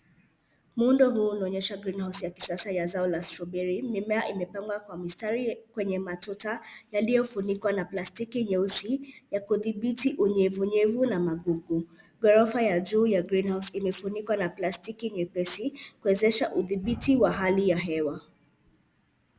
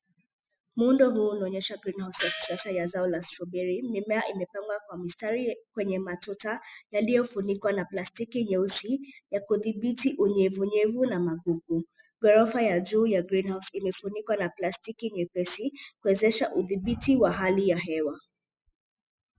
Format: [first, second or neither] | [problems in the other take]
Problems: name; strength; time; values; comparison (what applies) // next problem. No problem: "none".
first | noise reduction (classical method spectral subtraction)